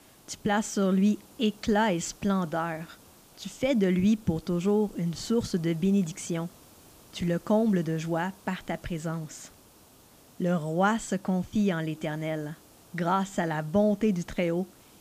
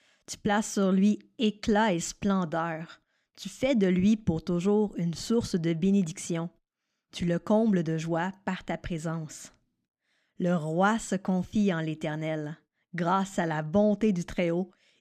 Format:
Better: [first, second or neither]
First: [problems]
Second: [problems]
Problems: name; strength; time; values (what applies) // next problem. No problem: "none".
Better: second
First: hiss; faint; throughout; 25 dB below the speech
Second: none